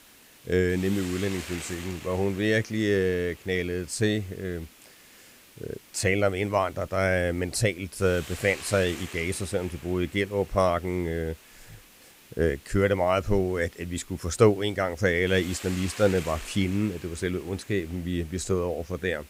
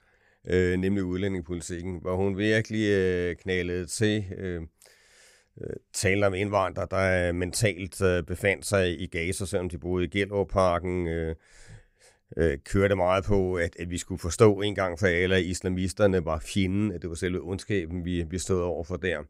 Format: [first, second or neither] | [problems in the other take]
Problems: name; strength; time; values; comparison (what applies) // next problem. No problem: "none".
second | hiss; noticeable; throughout; 20 dB below the speech